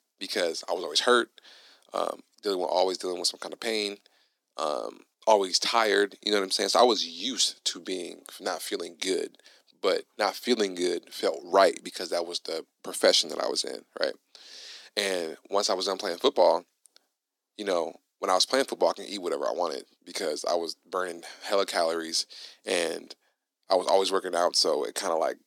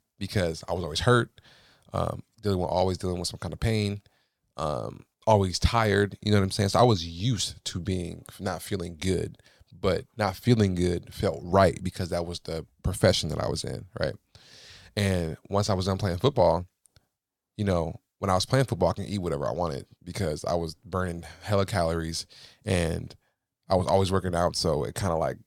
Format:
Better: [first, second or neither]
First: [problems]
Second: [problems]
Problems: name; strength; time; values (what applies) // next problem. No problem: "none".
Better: second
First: thin; somewhat; fading below 250 Hz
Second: none